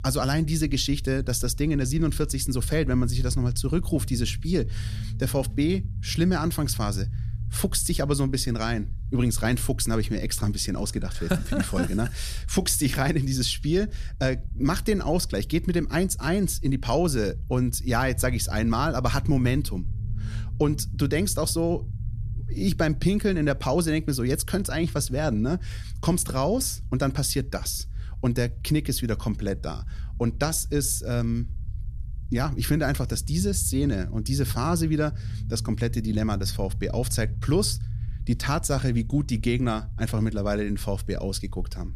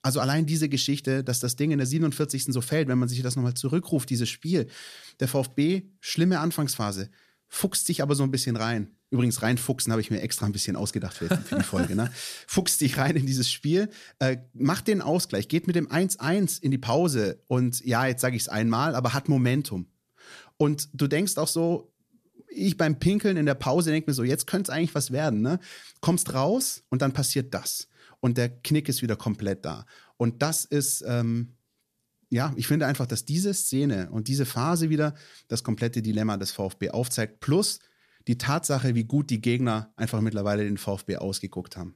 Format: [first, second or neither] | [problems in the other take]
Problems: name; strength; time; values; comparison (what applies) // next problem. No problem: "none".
second | low rumble; faint; throughout; 20 dB below the speech